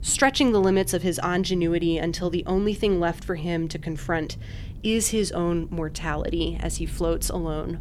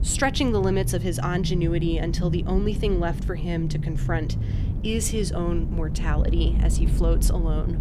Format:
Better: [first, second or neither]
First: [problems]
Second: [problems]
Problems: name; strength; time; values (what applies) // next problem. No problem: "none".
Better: first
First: low rumble; faint; throughout; 25 dB below the speech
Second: low rumble; loud; throughout; 10 dB below the speech